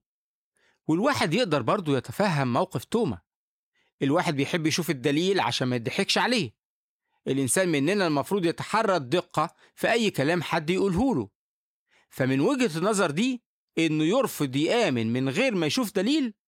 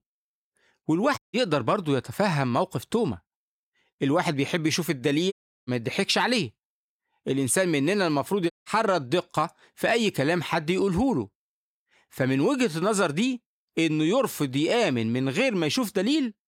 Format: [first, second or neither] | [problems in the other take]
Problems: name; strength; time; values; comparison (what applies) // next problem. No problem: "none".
first | audio cutting out; at 1 s, at 5.5 s and at 8.5 s